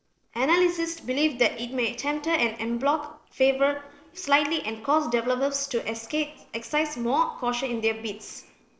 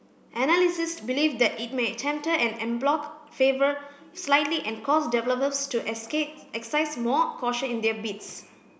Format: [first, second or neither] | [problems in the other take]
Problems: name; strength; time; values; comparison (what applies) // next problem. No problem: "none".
second | noise reduction (neural separator model SepFormer DNS4)